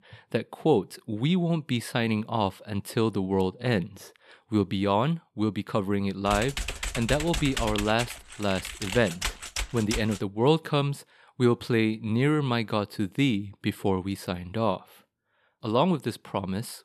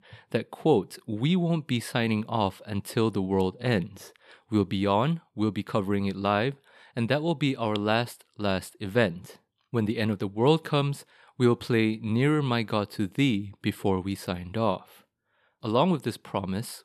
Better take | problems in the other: second | keyboard typing; noticeable; from 6.5 to 10 s; peak 3 dB below the speech

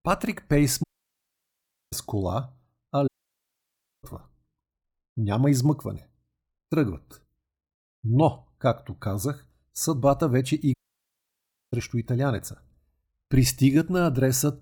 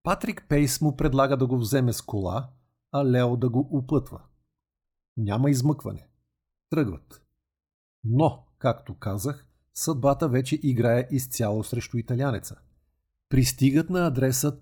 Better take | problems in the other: second | audio cutting out; at 1 s for 1 s, at 3 s for 1 s and at 11 s for 1 s

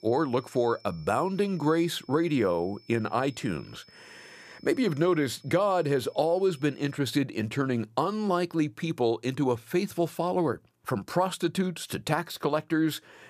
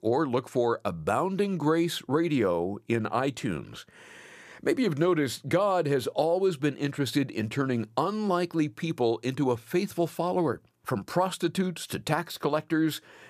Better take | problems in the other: second | high-pitched whine; faint; until 7 s; 5.5 kHz, 25 dB below the speech

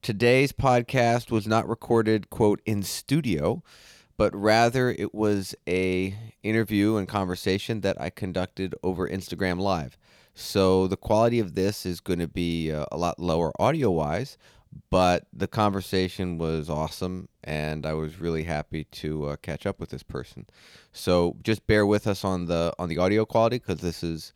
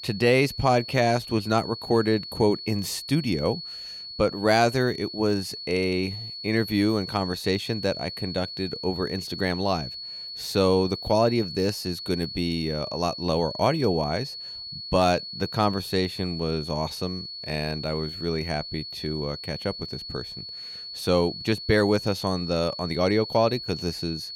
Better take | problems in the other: first | high-pitched whine; loud; throughout; 4.5 kHz, 9 dB below the speech

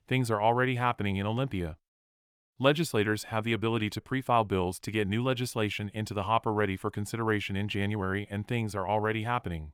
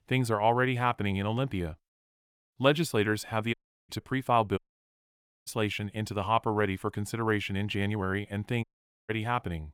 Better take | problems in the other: first | audio cutting out; at 3.5 s, at 4.5 s for 1 s and at 8.5 s

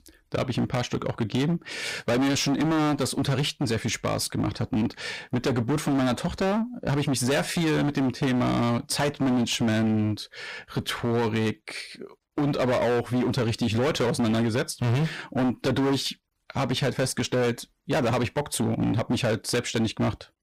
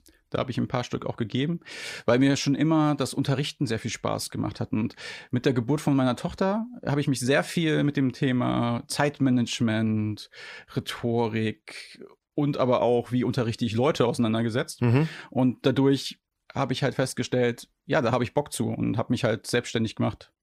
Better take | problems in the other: second | distortion; heavy; 22% of the sound clipped

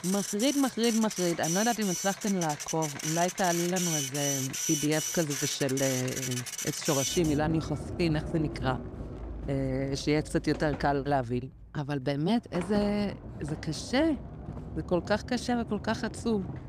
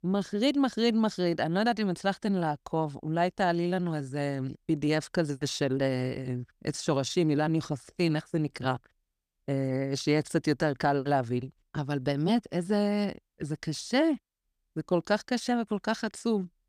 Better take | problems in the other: second | household noises; loud; throughout; 5 dB below the speech

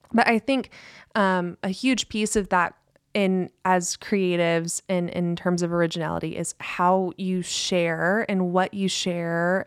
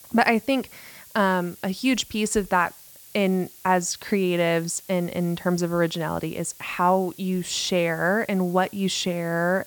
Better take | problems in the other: first | hiss; faint; throughout; 20 dB below the speech

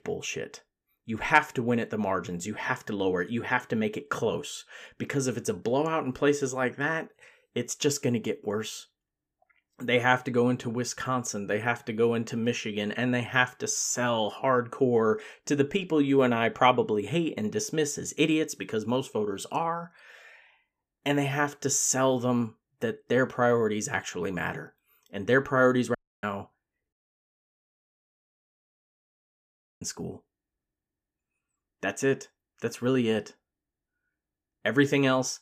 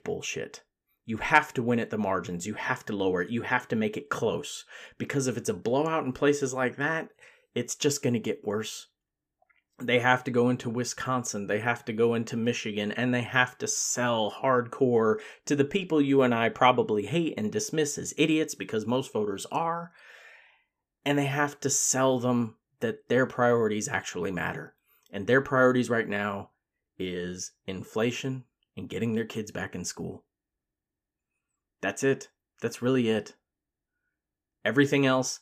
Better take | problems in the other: second | audio cutting out; at 26 s and at 27 s for 3 s

